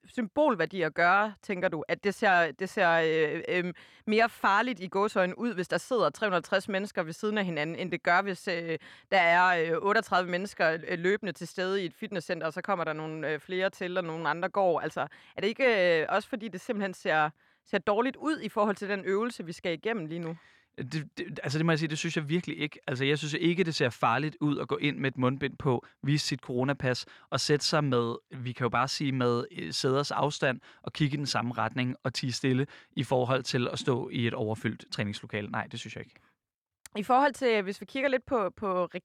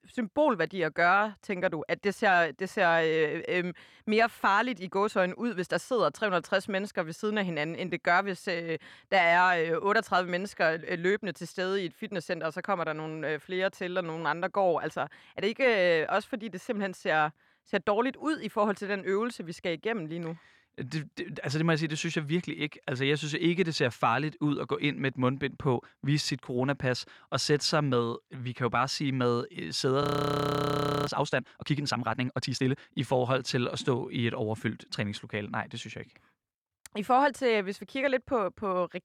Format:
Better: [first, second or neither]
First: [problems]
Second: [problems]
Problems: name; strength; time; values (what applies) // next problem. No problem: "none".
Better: first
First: none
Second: audio freezing; at 30 s for 1 s